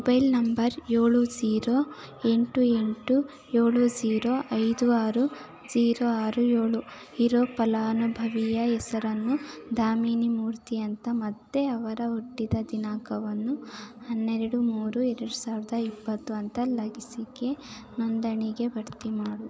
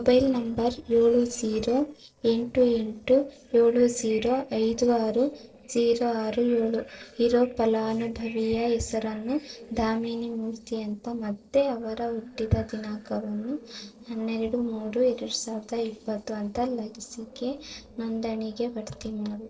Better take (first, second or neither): first